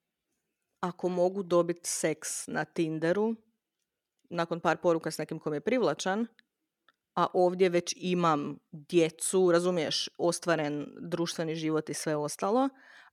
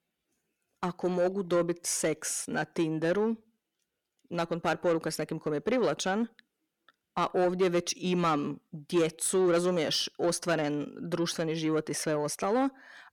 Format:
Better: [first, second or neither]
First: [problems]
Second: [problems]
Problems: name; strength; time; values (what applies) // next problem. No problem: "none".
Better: first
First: none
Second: distortion; slight; 10 dB below the speech